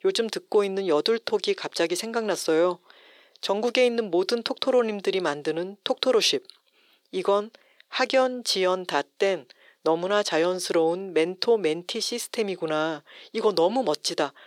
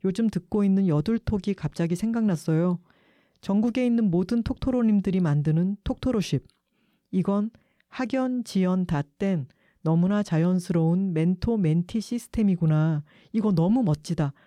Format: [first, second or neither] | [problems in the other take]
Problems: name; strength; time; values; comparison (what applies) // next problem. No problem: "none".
second | thin; very; fading below 400 Hz